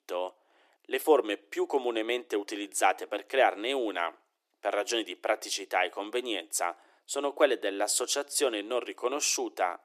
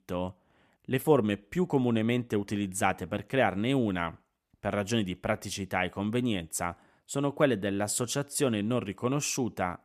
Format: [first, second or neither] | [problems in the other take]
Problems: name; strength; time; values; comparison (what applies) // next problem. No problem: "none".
second | thin; very; fading below 300 Hz